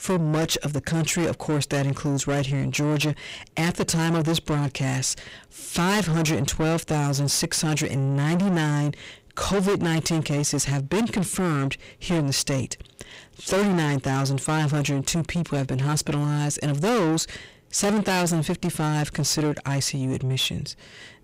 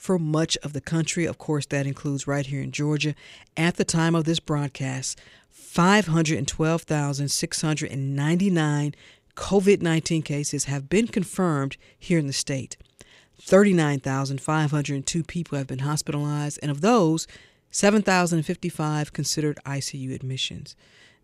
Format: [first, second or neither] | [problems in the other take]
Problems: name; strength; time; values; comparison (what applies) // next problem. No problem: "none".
second | distortion; heavy; 5 dB below the speech